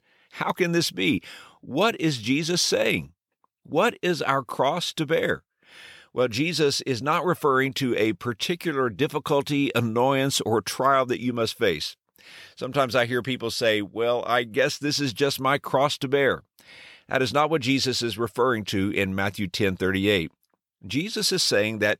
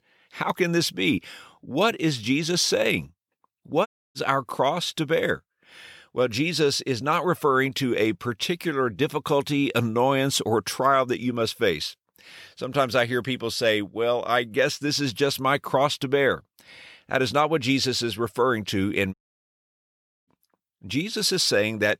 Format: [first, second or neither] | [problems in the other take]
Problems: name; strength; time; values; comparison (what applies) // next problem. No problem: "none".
first | audio cutting out; at 4 s and at 19 s for 1 s